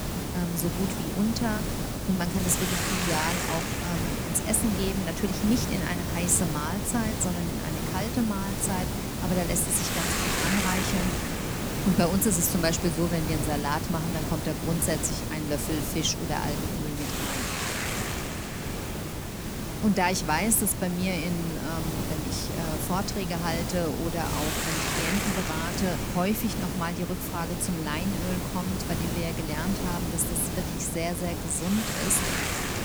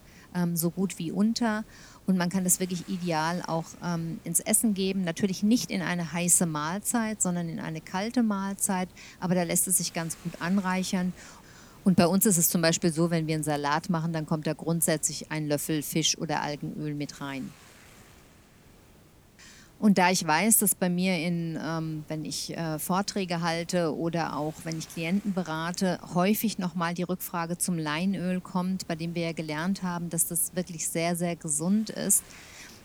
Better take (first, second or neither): second